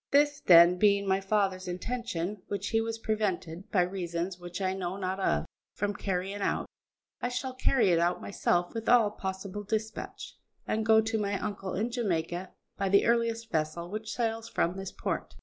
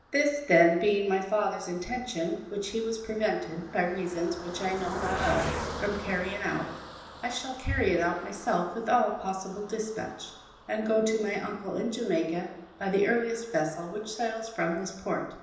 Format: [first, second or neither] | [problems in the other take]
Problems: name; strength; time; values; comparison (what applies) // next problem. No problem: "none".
first | background sound (Car passing by); 13 dB below the speech // room echo; dies away in 0.9 s